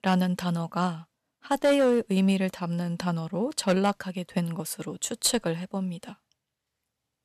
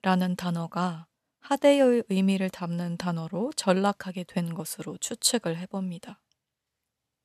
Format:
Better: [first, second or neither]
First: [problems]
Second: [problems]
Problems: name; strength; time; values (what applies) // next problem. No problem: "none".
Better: second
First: distortion; slight; 2% of the sound clipped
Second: none